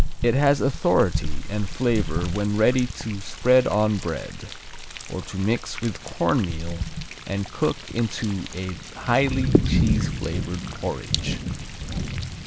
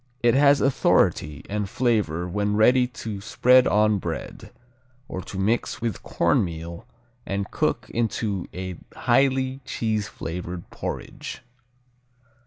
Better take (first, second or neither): second